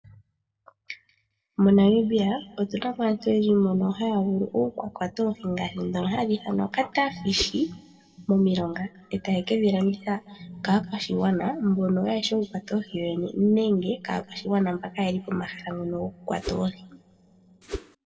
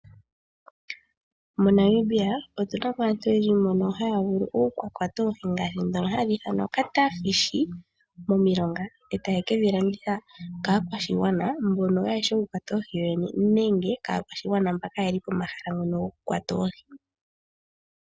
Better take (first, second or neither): second